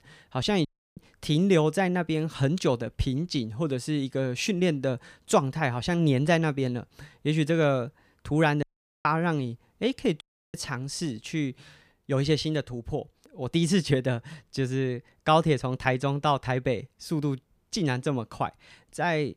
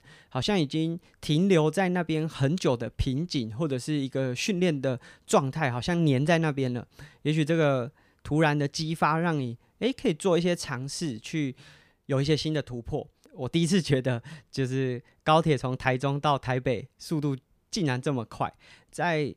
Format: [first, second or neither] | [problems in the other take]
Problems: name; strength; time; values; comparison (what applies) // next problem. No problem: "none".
second | audio cutting out; at 0.5 s, at 8.5 s and at 10 s